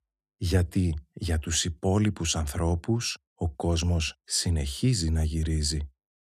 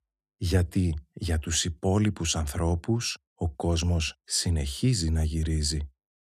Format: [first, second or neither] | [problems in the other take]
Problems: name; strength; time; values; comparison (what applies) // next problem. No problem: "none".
neither | none